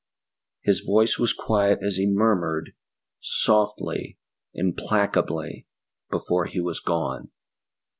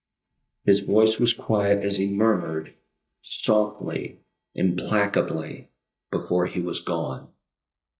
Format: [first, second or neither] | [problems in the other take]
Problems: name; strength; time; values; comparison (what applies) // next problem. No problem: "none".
first | noise reduction (neural mask model DeepFilterNet 3)